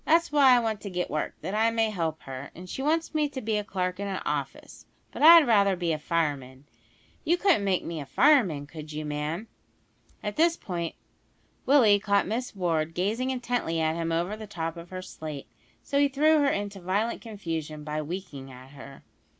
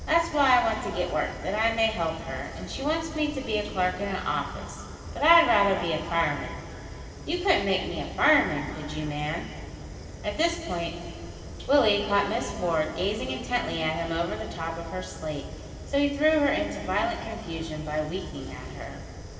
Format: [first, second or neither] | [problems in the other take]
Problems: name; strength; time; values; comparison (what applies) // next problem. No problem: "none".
first | background sound (Fire); 12 dB below the speech // room echo; dies away in 2.5 s